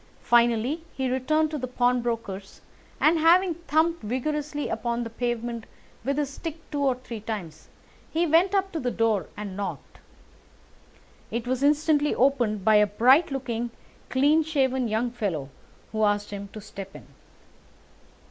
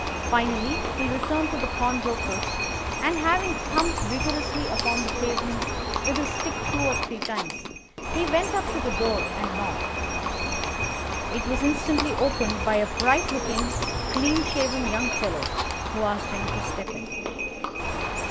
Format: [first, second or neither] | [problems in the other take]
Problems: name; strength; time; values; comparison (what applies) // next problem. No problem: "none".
first | background sound (Livestock, farm animals, working animals + Bird); 1 dB above the speech